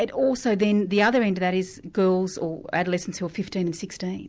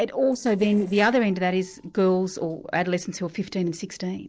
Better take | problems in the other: first | noise reduction (neural separator model SepFormer DNS4)

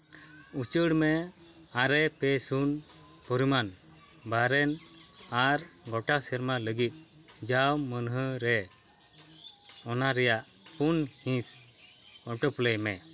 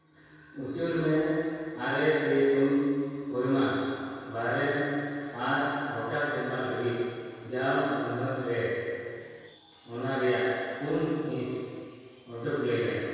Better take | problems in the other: first | room echo; dies away in 2.2 s

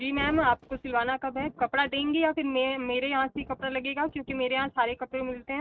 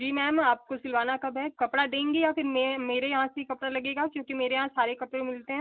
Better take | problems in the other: second | noise reduction (neural mask model RNNoise)

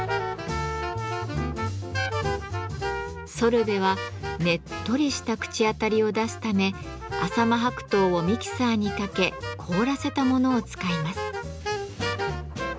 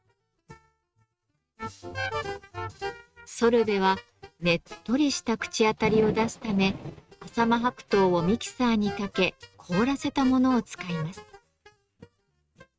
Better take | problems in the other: first | noise reduction (neural mask model RNNoise)

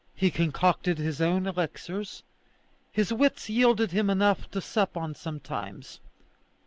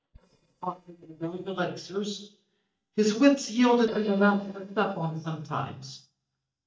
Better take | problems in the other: first | noise reduction (neural mask model DeepFilterNet 3)

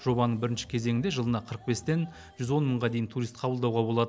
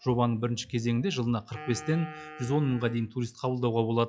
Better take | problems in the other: first | noise reduction (classical method log-MMSE)

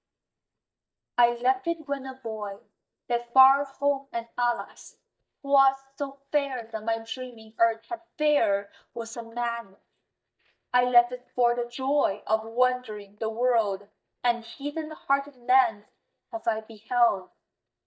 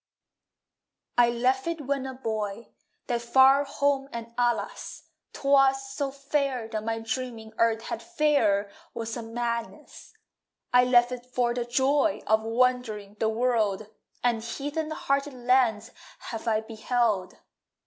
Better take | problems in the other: second | noise reduction (neural mask model DeepFilterNet 3)

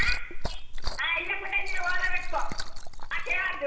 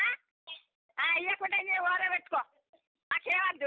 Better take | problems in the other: second | background sound (Liquid); 4 dB above the speech // room echo; dies away in 0.8 s

